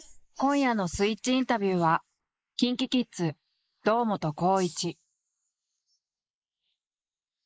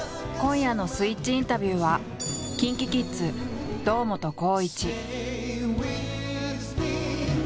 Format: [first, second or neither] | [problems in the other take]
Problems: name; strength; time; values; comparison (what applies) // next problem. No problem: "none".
second | noise reduction (neural mask model Resemble Enhance denoiser)